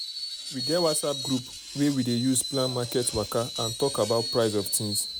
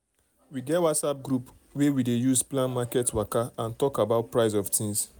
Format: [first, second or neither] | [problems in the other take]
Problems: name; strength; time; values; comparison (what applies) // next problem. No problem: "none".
second | background sound (Screech); 7 dB below the speech